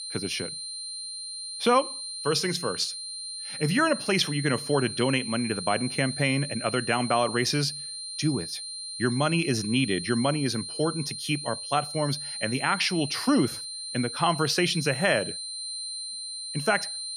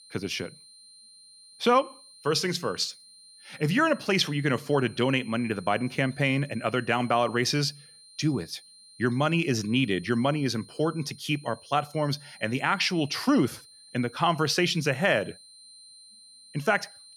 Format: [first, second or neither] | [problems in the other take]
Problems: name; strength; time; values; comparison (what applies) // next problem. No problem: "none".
second | high-pitched whine; loud; throughout; 4 kHz, 7 dB below the speech; faint in the second